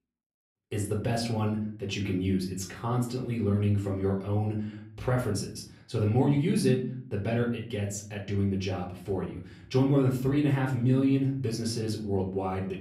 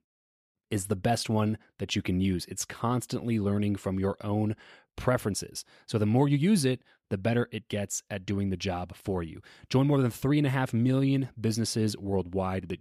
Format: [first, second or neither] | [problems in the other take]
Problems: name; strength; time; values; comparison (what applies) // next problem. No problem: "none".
second | off-mic speech; far // room echo; slight; dies away in 0.5 s